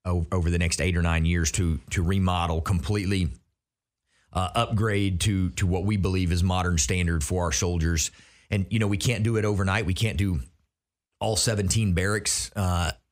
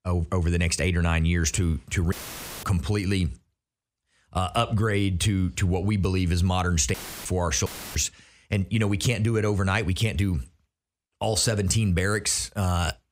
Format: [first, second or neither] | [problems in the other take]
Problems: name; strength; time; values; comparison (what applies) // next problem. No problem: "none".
first | audio cutting out; filled with static; at 2 s for 0.5 s, at 7 s and at 7.5 s